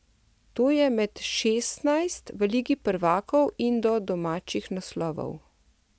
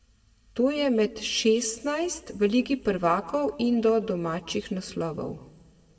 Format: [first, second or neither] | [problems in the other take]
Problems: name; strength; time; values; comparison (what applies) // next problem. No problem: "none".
first | room echo; dies away in 1 s